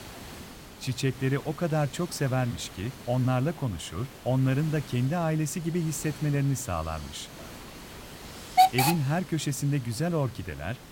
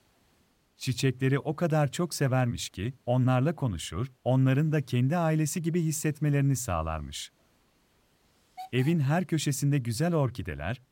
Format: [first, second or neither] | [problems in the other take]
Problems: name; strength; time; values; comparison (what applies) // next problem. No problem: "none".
second | hiss; loud; throughout; 4 dB below the speech; faint in the second